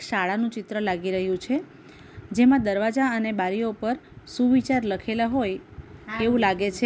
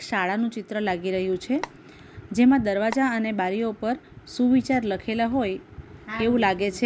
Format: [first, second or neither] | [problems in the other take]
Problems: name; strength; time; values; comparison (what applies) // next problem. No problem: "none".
first | background sound (Telephone); 13 dB below the speech